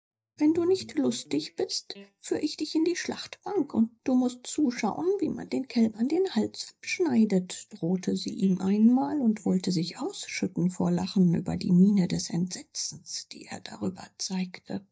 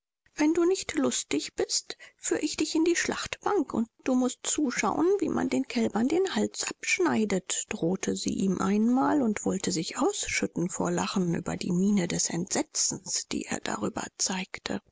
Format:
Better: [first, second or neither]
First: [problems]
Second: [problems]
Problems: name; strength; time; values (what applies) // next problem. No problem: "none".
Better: second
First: noise reduction (neural mask model DeepFilterNet 3)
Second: none